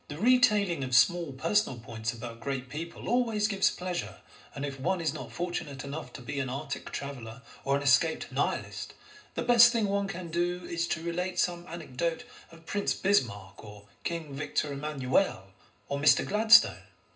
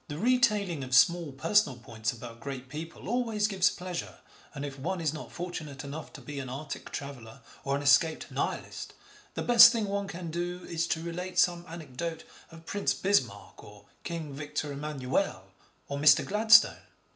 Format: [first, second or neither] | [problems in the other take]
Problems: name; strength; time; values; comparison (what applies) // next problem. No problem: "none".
second | room echo; dies away in 0.2 s